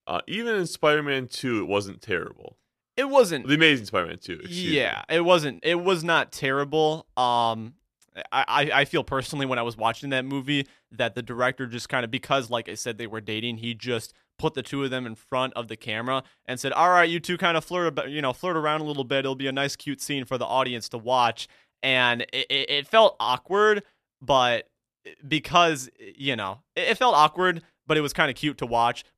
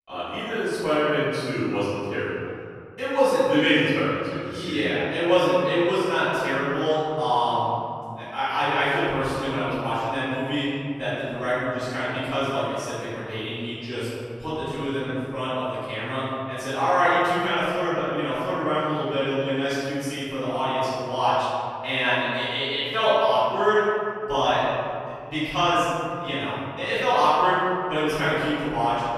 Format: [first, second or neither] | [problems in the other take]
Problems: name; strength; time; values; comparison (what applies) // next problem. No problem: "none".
first | off-mic speech; far // room echo; strong; dies away in 2.4 s